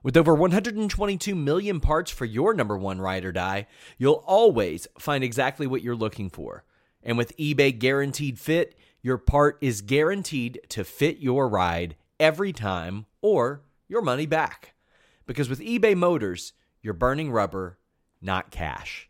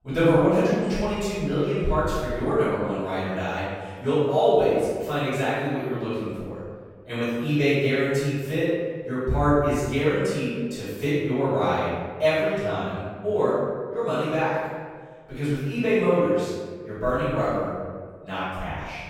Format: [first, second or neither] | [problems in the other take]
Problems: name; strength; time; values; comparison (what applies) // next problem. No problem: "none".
first | off-mic speech; far // room echo; strong; dies away in 1.5 s